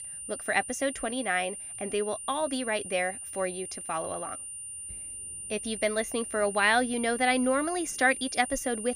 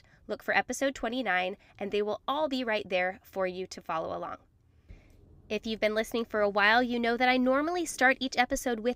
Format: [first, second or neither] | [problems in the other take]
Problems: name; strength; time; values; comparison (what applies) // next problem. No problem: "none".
second | high-pitched whine; loud; throughout; 9 kHz, 8 dB below the speech